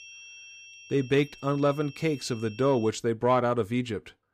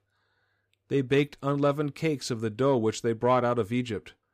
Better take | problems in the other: second | high-pitched whine; noticeable; until 3 s; 2.5 kHz, 20 dB below the speech

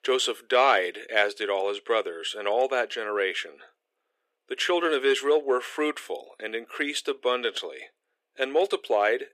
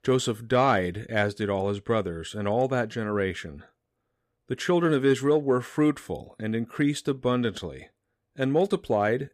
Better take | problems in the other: second | thin; very; fading below 400 Hz

